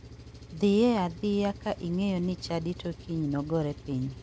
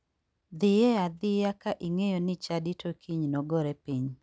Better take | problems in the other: second | background sound (Engine); 16 dB below the speech

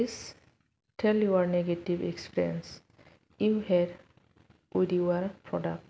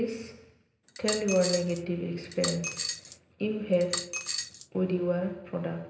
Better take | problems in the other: first | background sound (Coin (dropping)); 5 dB below the speech // room echo; dies away in 0.9 s

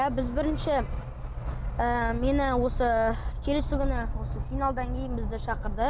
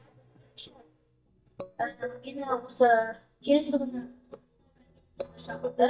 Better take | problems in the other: first | noise reduction (neural mask model DeepFilterNet 3)

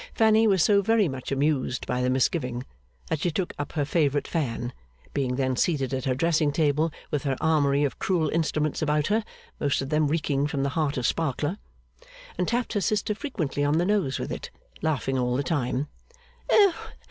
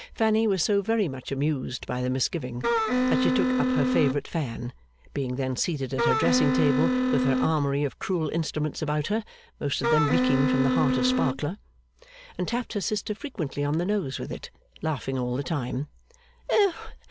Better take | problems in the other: first | background sound (Wind instrument, woodwind instrument); 3 dB above the speech

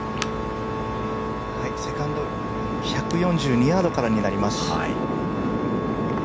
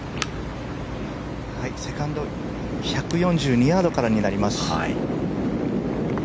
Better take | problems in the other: second | background sound (Organ); 5 dB below the speech

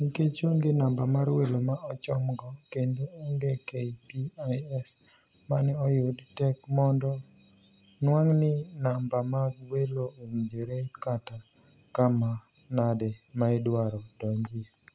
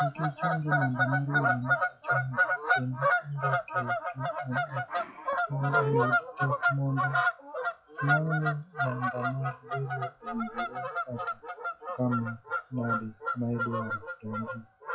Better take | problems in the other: first | noise reduction (classical method WPE with log-MMSE)

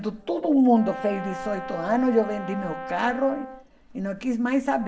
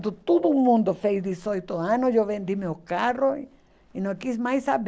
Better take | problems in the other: second | background sound (Brass instrument); 12 dB below the speech // room echo; dies away in 0.5 s

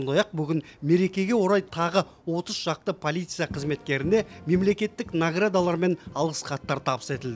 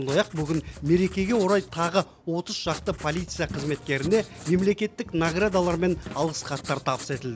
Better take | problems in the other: first | background sound (Drum kit + Writing); 15 dB below the speech

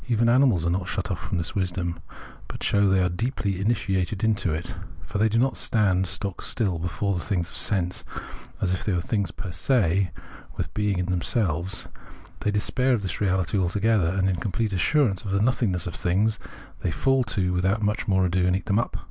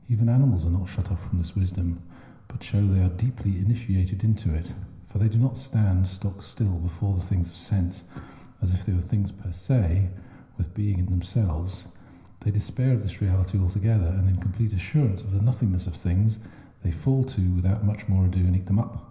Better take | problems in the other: first | room echo; dies away in 0.9 s

